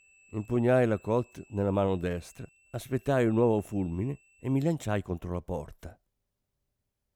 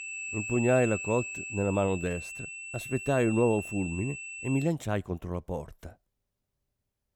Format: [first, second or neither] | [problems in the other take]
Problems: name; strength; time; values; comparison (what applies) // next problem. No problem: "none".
first | high-pitched whine; loud; until 4.5 s; 2.5 kHz, 7 dB below the speech; faint in the first